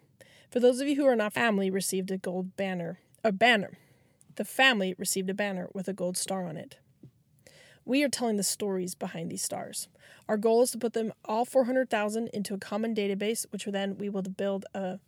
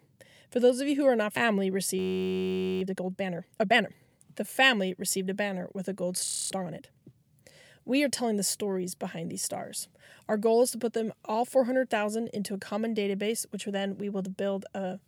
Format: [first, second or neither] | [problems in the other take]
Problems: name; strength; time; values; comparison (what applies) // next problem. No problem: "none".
first | audio freezing; at 2 s for 1 s and at 6.5 s